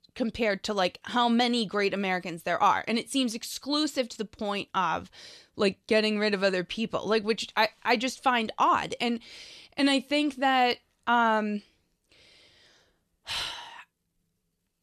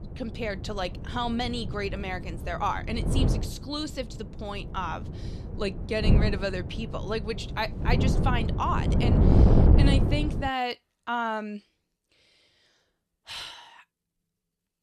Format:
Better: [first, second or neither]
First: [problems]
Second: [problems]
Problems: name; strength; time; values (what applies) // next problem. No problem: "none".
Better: first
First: none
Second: wind noise on the microphone; heavy; until 10 s; 4 dB below the speech